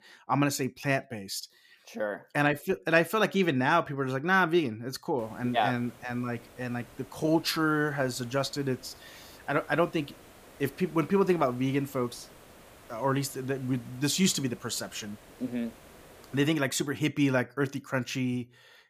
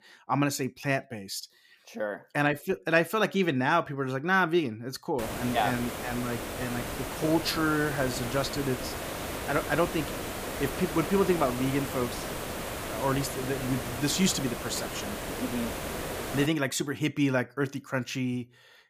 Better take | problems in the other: first | hiss; loud; from 5 to 16 s; 6 dB below the speech; faint in the first

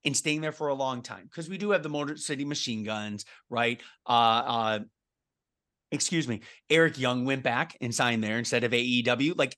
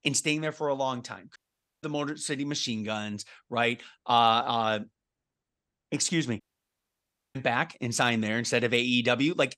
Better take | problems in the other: first | audio cutting out; at 1.5 s and at 6.5 s for 1 s

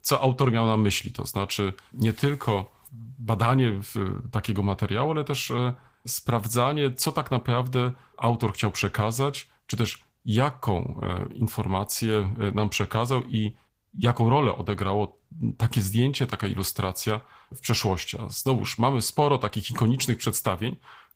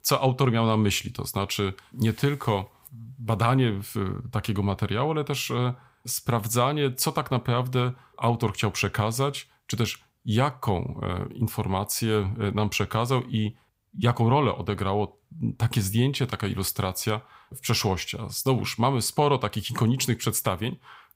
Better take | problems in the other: second | garbled, watery; slightly; nothing above 15.5 kHz

